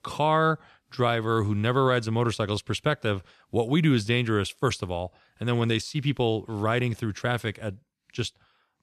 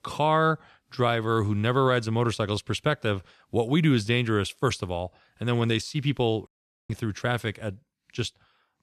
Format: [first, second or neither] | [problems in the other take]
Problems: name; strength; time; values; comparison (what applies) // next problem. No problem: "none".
first | audio cutting out; at 6.5 s